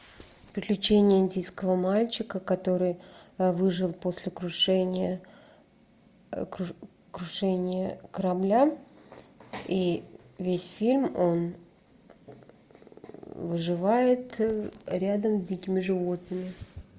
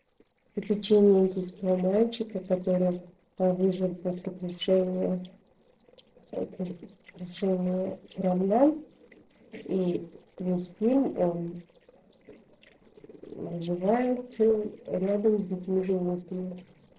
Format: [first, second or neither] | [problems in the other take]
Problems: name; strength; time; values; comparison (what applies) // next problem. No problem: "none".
first | noise reduction (neural separator model SepFormer DNS4)